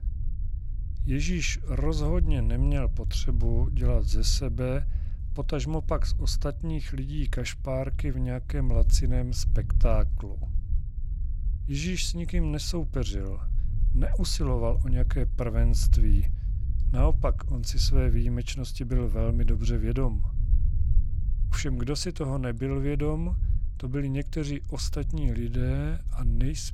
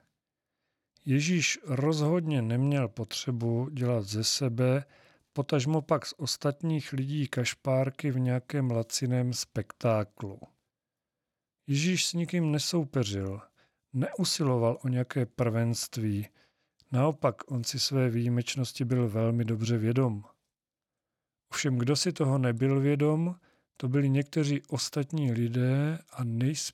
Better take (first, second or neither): second